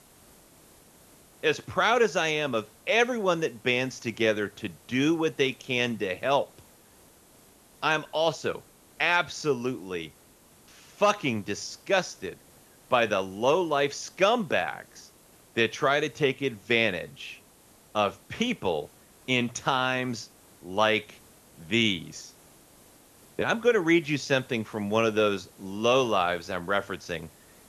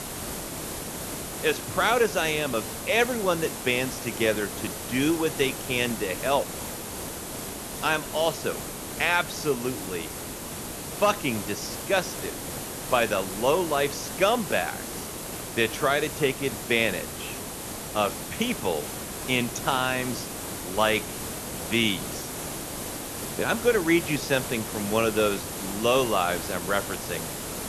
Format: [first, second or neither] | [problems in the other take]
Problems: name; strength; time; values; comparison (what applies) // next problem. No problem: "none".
first | hiss; loud; throughout; 7 dB below the speech; faint in the first